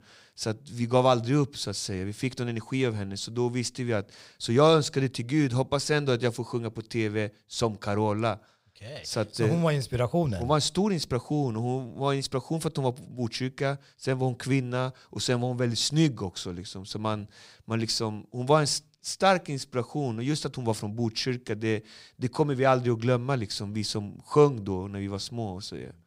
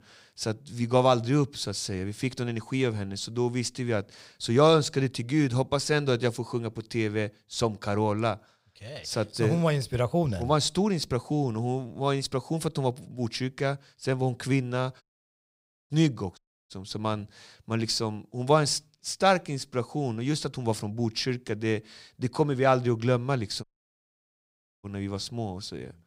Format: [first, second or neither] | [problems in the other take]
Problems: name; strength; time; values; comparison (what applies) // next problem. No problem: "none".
first | audio cutting out; at 15 s for 1 s, at 16 s and at 24 s for 1 s